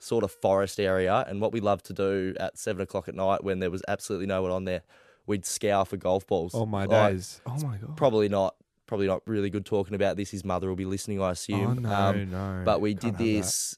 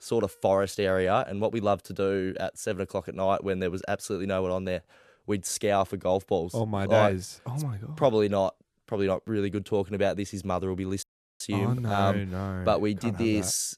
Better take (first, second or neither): first